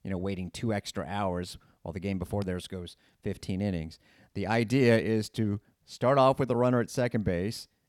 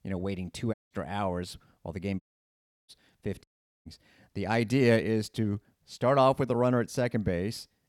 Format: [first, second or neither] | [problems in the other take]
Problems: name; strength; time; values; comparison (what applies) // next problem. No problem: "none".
first | audio cutting out; at 0.5 s, at 2 s for 0.5 s and at 3.5 s